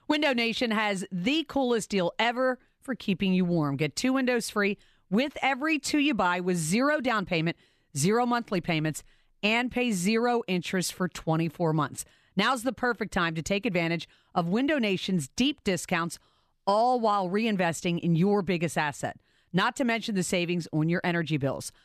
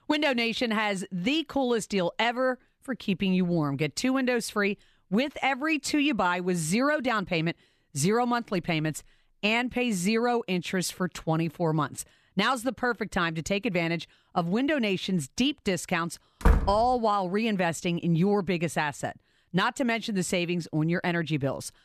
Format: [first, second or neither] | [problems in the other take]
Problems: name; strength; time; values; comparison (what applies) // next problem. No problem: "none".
first | door banging; loud; at 16 s; peak 2 dB above the speech